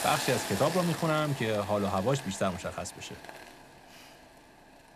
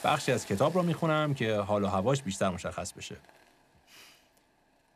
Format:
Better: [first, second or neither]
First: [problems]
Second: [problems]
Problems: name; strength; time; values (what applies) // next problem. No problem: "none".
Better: second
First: hiss; loud; throughout; 8 dB below the speech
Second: hiss; faint; throughout; 20 dB below the speech